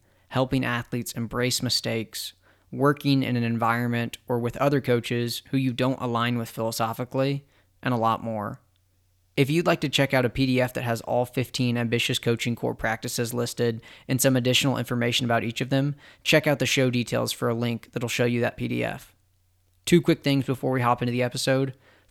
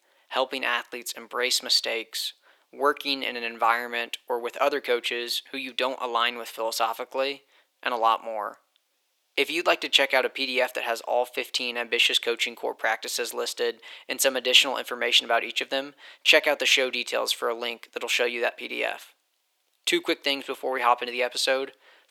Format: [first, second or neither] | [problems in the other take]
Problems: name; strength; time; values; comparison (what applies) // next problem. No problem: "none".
first | thin; very; fading below 400 Hz